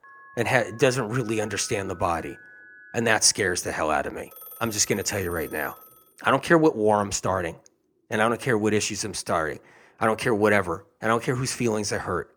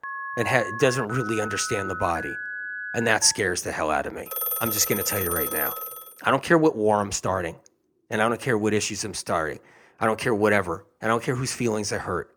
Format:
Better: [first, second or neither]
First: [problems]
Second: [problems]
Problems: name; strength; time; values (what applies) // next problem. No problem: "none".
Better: first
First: alarms or sirens; faint; until 6 s; 20 dB below the speech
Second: alarms or sirens; loud; until 6 s; 5 dB below the speech